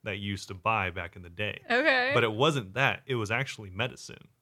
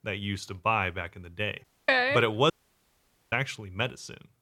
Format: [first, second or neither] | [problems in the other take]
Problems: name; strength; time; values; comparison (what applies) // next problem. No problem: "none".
first | audio cutting out; at 1.5 s and at 2.5 s for 1 s